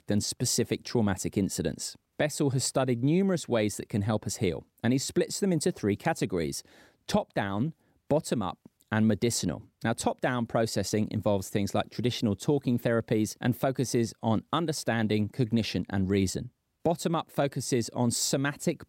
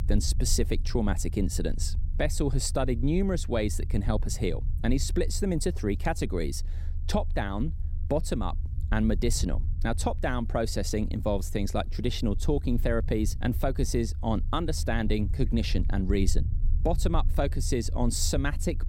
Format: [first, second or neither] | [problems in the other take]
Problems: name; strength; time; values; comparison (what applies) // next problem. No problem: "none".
first | low rumble; noticeable; throughout; 20 dB below the speech